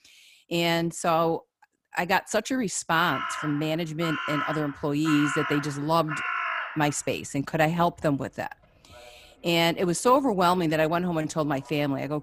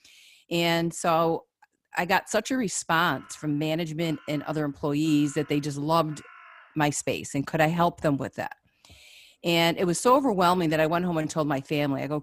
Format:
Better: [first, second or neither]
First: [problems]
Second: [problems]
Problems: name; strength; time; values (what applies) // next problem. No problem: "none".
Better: second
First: animal sounds; loud; throughout; 6 dB below the speech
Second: animal sounds; faint; throughout; 25 dB below the speech